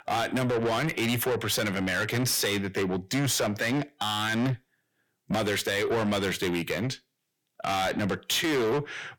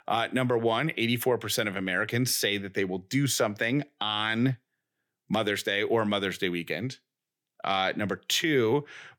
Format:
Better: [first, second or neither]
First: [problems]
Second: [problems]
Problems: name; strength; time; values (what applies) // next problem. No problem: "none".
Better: second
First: distortion; heavy; 7 dB below the speech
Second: none